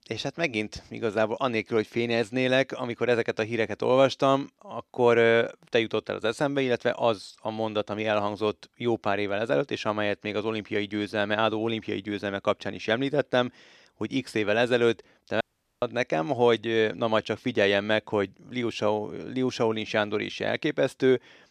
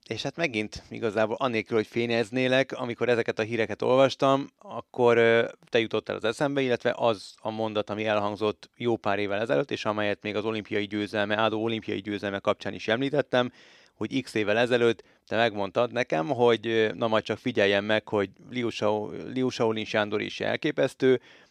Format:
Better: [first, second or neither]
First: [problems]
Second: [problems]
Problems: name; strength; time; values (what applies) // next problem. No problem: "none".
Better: second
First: audio cutting out; at 15 s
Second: none